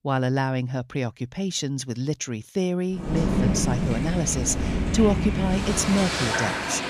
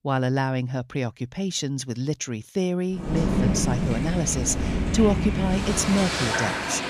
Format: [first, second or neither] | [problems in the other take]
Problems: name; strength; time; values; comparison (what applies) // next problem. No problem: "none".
neither | rain or running water; very loud; from 3 s on; as loud as the speech; the same in both